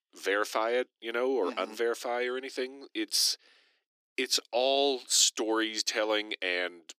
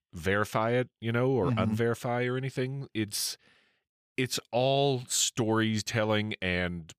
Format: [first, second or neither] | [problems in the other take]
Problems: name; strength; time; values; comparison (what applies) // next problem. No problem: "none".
second | thin; somewhat; fading below 300 Hz